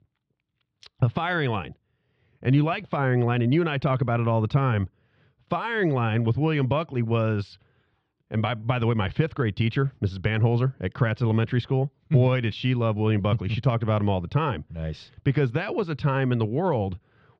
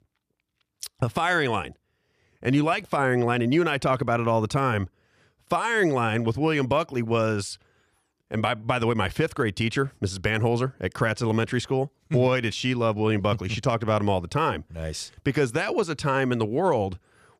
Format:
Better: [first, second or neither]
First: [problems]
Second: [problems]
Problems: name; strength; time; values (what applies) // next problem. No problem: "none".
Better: second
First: muffled; slightly; fading above 3.5 kHz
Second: none